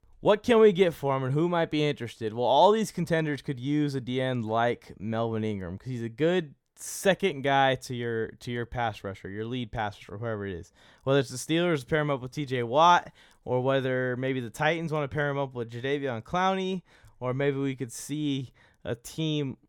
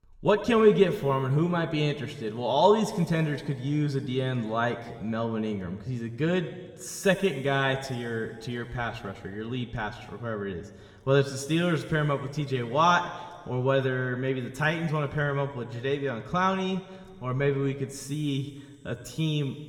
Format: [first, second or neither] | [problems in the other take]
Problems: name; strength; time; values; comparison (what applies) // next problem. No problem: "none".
first | room echo; slight; dies away in 2.3 s